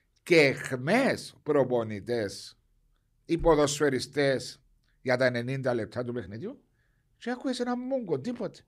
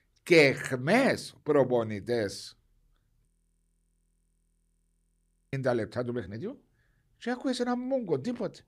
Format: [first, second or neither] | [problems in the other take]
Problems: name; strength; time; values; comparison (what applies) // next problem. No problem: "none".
first | audio freezing; at 3.5 s for 2.5 s